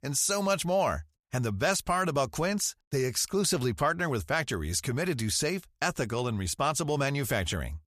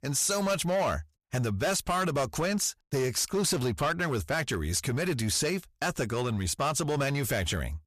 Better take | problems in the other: first | distortion; slight; 11% of the sound clipped

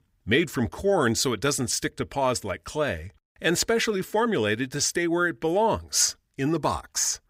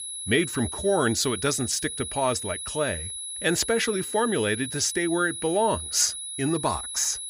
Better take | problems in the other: first | high-pitched whine; loud; throughout; 10.5 kHz, 6 dB below the speech

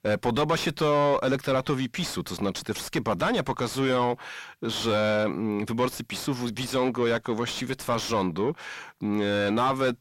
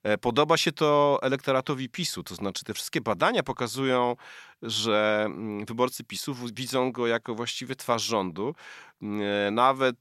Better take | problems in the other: second | distortion; heavy; 6 dB below the speech

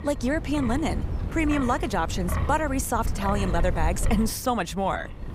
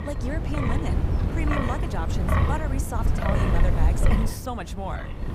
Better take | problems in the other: first | wind noise on the microphone; heavy; 2 dB above the speech; occasional gusts in the first

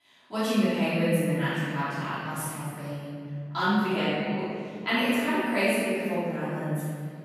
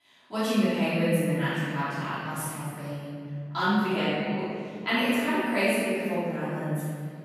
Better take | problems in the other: neither | room echo; strong; dies away in 2.4 s; the same in both // off-mic speech; far; the same in both

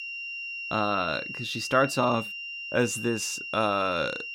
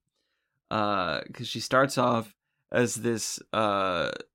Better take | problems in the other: second | high-pitched whine; loud; throughout; 3 kHz, 7 dB below the speech

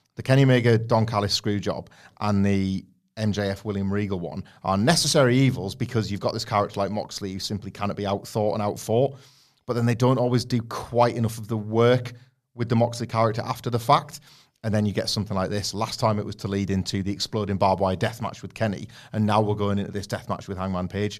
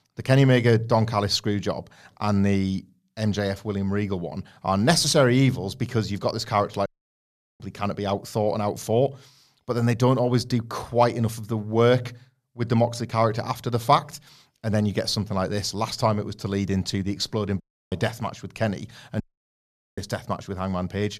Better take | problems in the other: first | audio cutting out; at 7 s for 0.5 s, at 18 s and at 19 s for 1 s

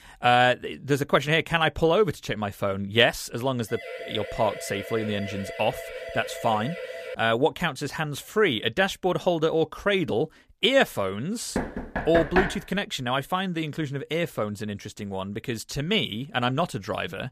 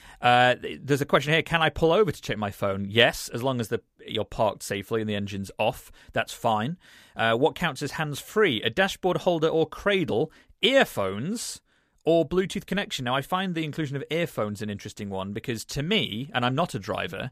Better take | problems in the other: second | siren; noticeable; from 3.5 to 7 s; peak 10 dB below the speech // door banging; loud; at 12 s; peak level with the speech

